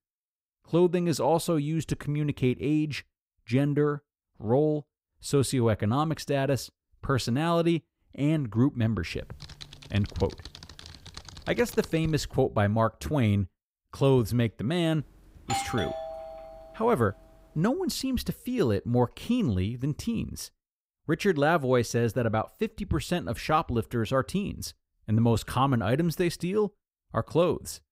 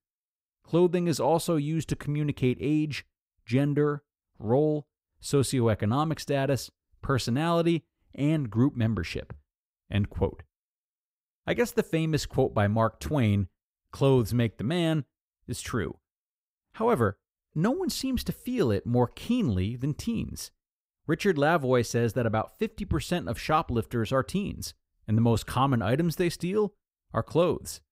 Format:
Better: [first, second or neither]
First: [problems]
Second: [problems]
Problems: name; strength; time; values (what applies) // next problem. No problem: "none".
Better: second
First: keyboard typing; faint; from 9 to 12 s; peak 15 dB below the speech // doorbell; noticeable; from 15 to 17 s; peak 4 dB below the speech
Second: none